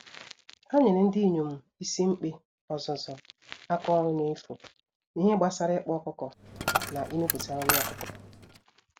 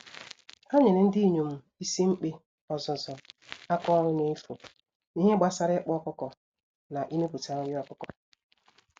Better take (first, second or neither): second